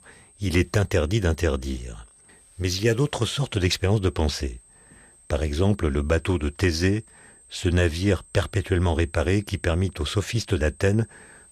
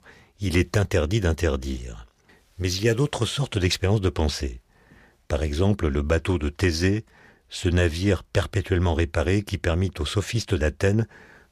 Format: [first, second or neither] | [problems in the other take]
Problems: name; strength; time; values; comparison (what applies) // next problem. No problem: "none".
second | high-pitched whine; faint; throughout; 8.5 kHz, 25 dB below the speech